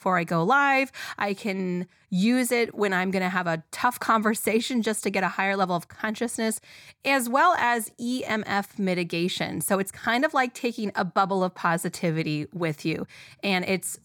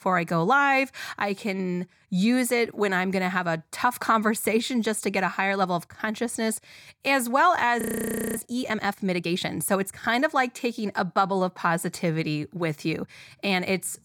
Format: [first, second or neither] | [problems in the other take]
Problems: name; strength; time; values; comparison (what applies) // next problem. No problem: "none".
first | audio freezing; at 8 s for 0.5 s